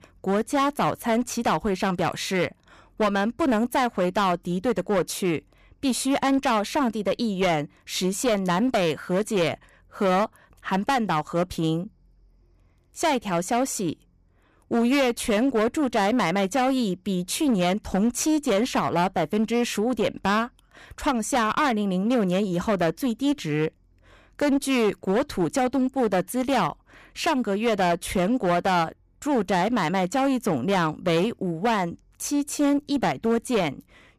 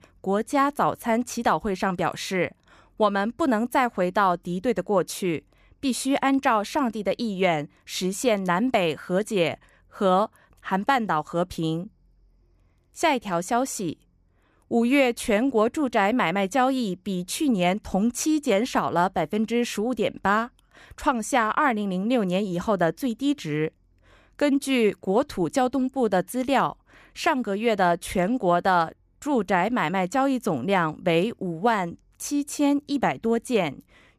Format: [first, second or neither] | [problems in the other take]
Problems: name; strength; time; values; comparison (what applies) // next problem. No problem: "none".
second | distortion; slight; 12% of the sound clipped